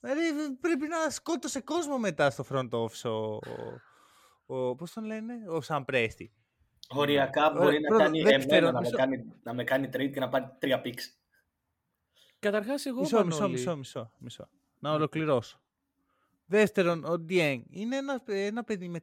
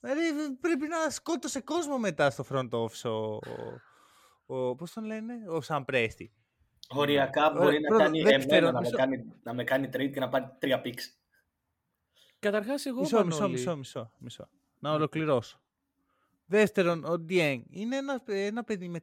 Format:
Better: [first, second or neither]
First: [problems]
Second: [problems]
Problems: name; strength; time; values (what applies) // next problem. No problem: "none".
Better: neither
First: none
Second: none